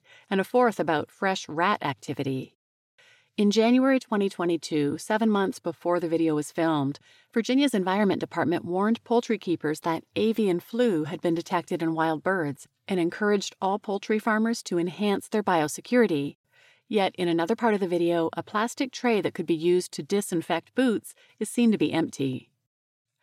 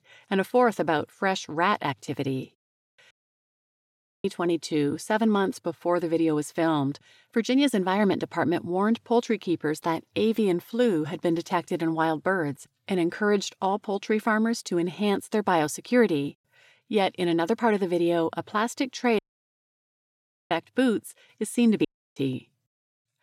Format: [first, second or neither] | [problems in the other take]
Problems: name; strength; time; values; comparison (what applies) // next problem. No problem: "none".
first | audio cutting out; at 3 s for 1 s, at 19 s for 1.5 s and at 22 s